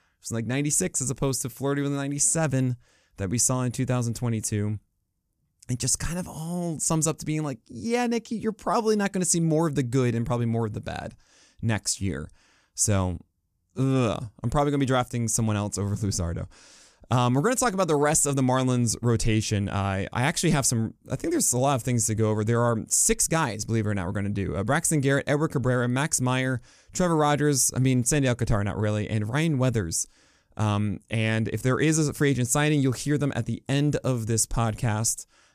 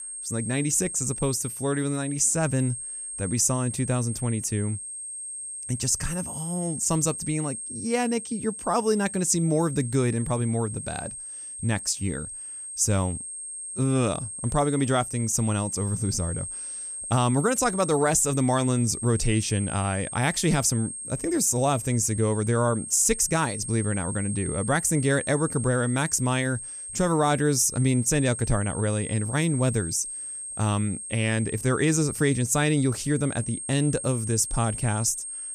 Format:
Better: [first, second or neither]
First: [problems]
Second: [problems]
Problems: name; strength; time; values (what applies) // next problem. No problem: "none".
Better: first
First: none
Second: high-pitched whine; loud; throughout; 8.5 kHz, 8 dB below the speech